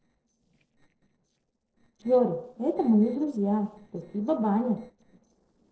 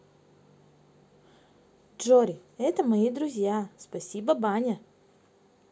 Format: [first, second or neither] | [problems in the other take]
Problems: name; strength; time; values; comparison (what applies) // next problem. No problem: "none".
second | noise reduction (neural separator model SepFormer DNS4)